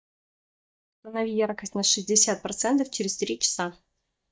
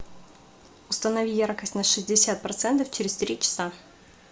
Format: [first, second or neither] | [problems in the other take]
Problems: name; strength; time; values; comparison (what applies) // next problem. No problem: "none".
second | noise reduction (neural mask model DeepFilterNet 3)